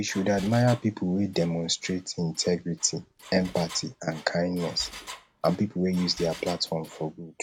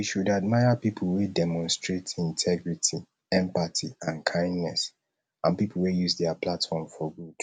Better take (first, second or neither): second